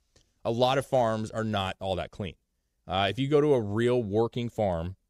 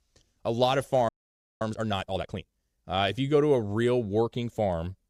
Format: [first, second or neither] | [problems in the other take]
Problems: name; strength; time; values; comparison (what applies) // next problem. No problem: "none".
first | audio freezing; at 1 s for 0.5 s